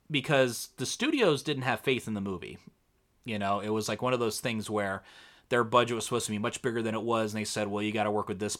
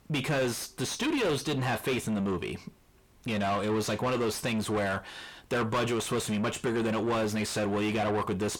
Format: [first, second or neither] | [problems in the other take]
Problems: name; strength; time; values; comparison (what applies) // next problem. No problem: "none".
first | distortion; heavy; 6 dB below the speech